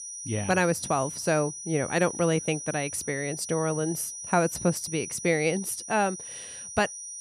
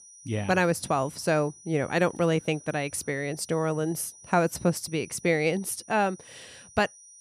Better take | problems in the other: second | high-pitched whine; loud; throughout; 6 kHz, 8 dB below the speech; faint in the second

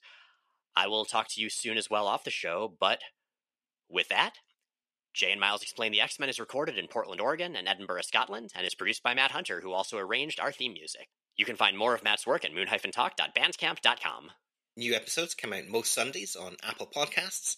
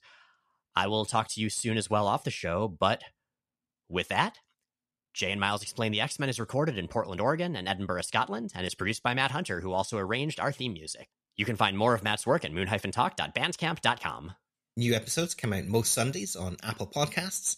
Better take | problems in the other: second | thin; somewhat; fading below 400 Hz

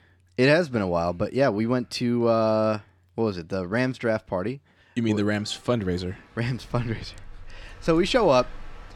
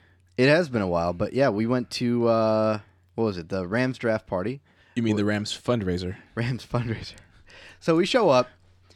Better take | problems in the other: second | train or aircraft noise; faint; from 5.5 s on; 25 dB below the speech

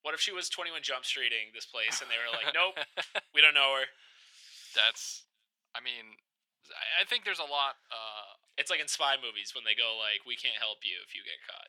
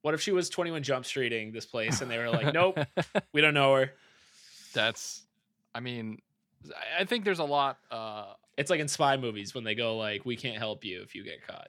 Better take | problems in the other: second | thin; very; fading below 900 Hz

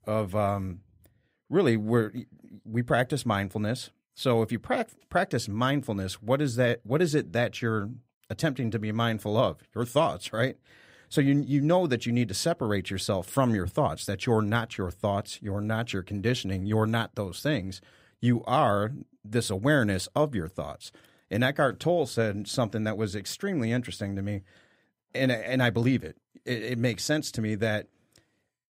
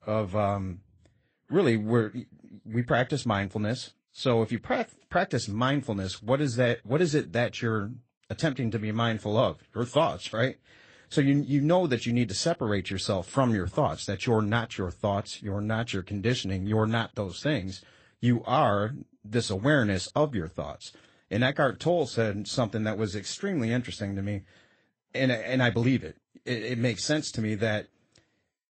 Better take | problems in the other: first | garbled, watery; slightly; nothing above 8 kHz

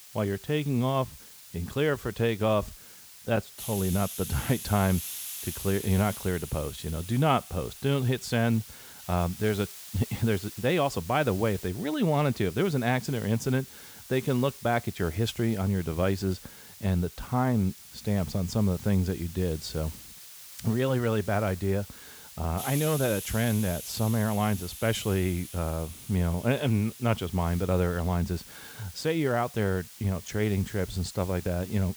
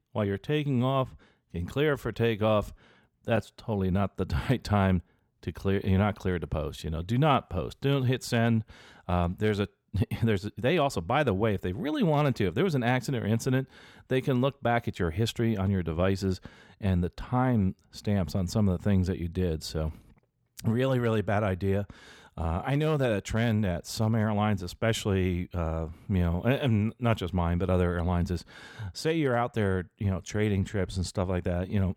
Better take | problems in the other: second | hiss; noticeable; throughout; 15 dB below the speech

